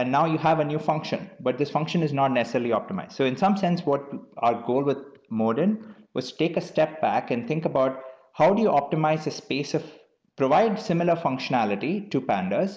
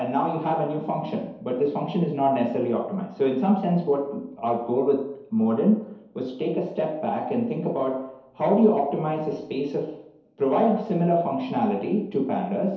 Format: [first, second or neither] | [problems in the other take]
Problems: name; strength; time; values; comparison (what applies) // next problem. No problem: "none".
first | room echo; dies away in 2.2 s